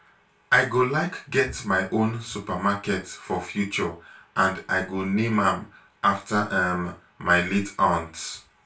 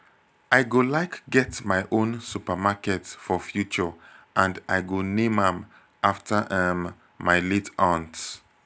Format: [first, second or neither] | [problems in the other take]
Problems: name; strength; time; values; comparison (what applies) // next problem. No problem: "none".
second | room echo; dies away in 0.3 s